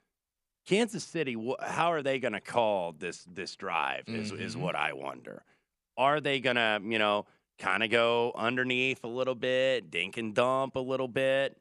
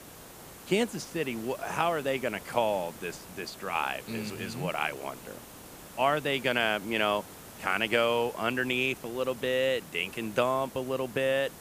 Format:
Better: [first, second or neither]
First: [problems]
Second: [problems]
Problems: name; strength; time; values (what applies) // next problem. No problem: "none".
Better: first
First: none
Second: hiss; noticeable; throughout; 15 dB below the speech